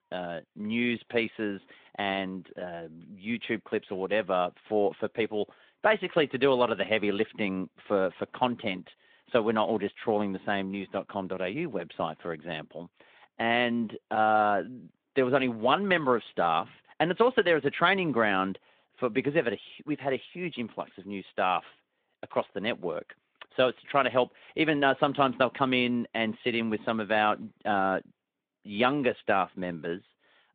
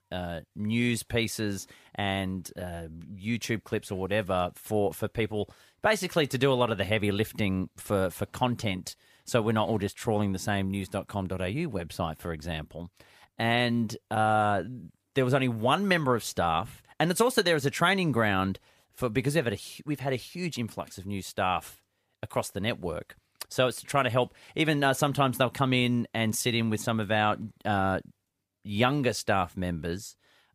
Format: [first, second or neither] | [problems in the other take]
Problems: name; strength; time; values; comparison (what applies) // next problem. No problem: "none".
second | phone-call audio